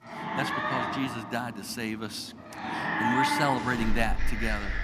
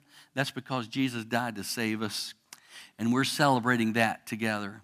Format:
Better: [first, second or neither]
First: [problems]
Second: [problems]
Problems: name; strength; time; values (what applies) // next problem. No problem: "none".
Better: second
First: animal sounds; very loud; throughout; 1 dB above the speech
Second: none